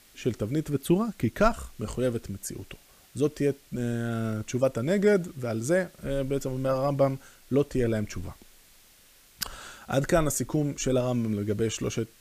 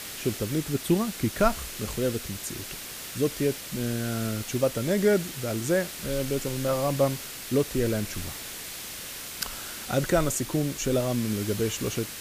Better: first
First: hiss; faint; throughout; 25 dB below the speech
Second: hiss; loud; throughout; 8 dB below the speech

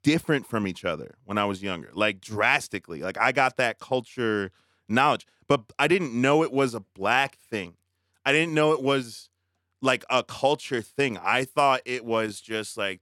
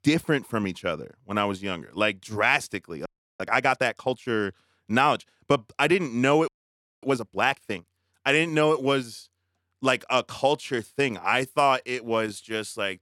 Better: first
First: none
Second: audio freezing; at 3 s and at 6.5 s for 0.5 s

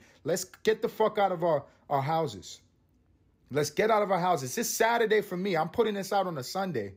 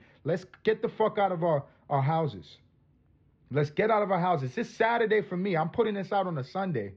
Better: first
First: none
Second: muffled; very; fading above 3.5 kHz

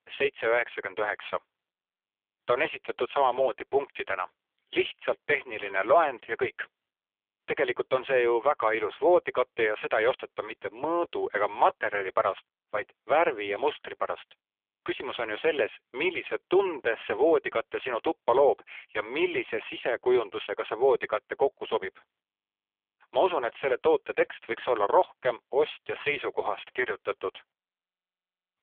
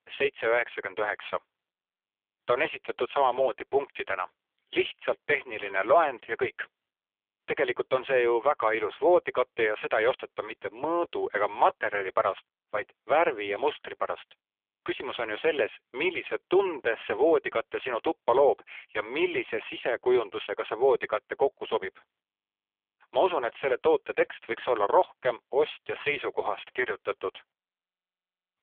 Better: neither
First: phone-call audio; poor line; nothing above 3.5 kHz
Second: phone-call audio; poor line; nothing above 3.5 kHz

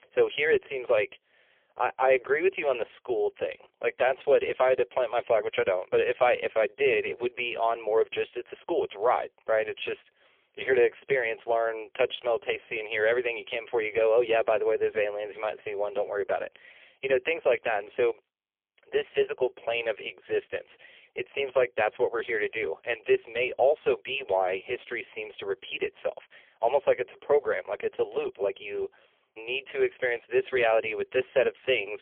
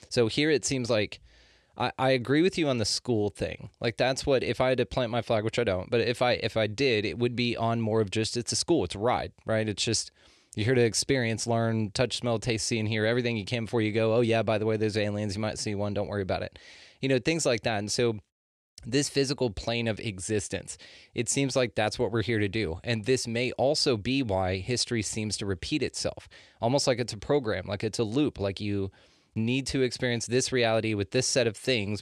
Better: second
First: phone-call audio; poor line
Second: none

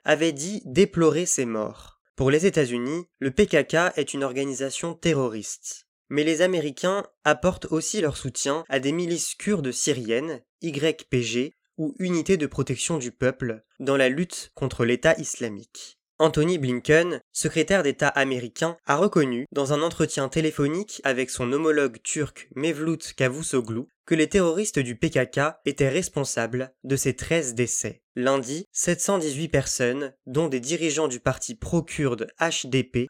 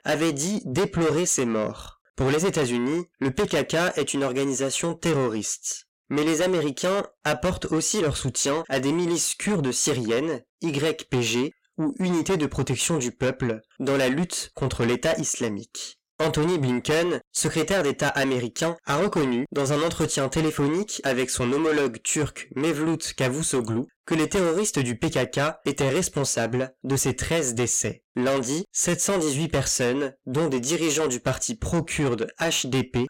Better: first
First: none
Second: distortion; heavy; 6 dB below the speech

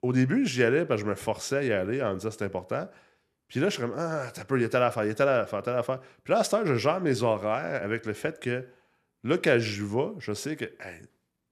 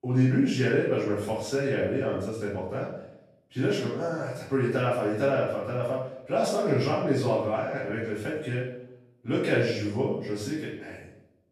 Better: first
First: none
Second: room echo; noticeable; dies away in 0.6 s // off-mic speech; far

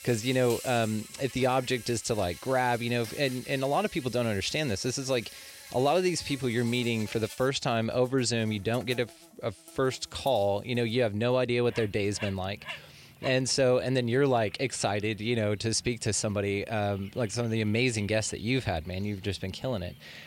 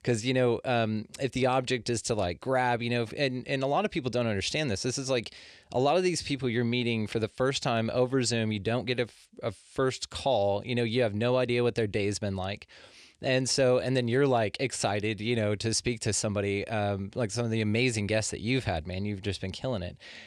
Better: second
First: animal sounds; noticeable; throughout; 15 dB below the speech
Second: none

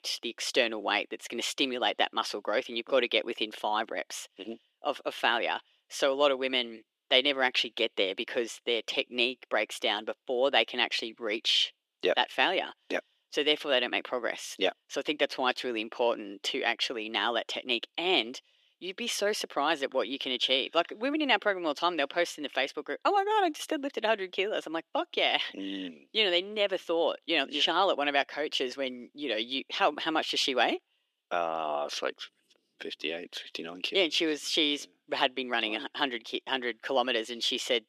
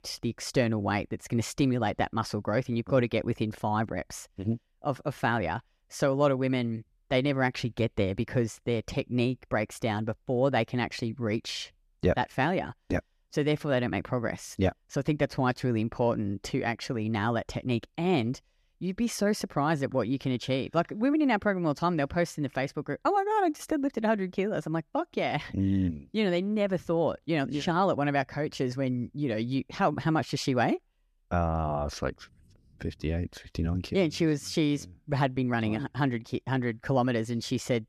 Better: second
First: thin; somewhat; fading below 350 Hz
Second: none

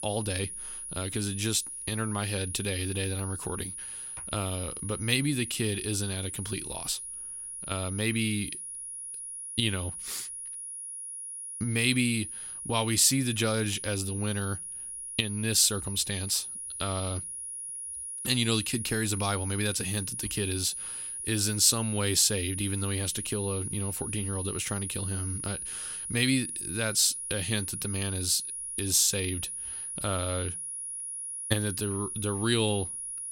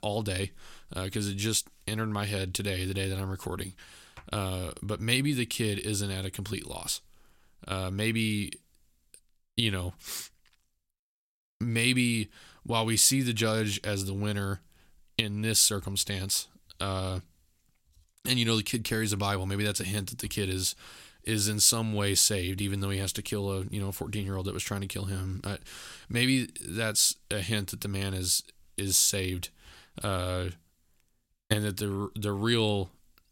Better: second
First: high-pitched whine; loud; throughout; 10.5 kHz, 6 dB below the speech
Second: none

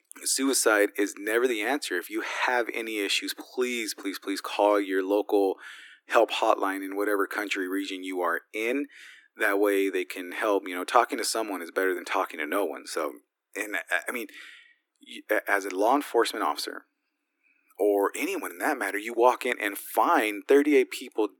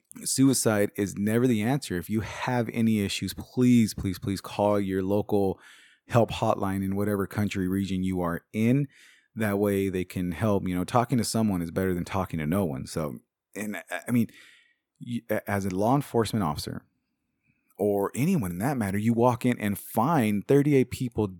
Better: second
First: thin; somewhat; fading below 300 Hz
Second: none

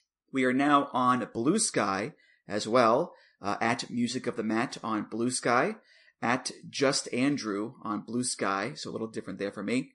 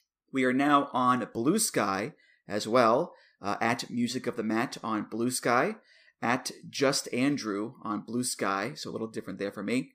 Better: second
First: garbled, watery; slightly; nothing above 9.5 kHz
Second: none

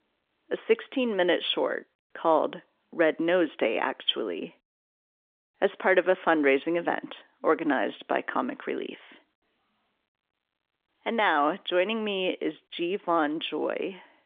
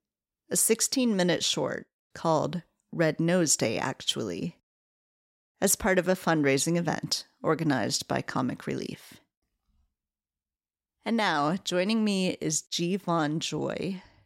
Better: second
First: phone-call audio; nothing above 3.5 kHz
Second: none

